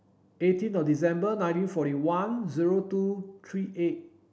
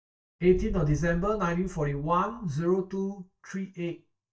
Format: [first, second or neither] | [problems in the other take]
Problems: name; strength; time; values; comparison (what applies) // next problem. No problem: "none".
first | noise reduction (neural mask model DeepFilterNet 3)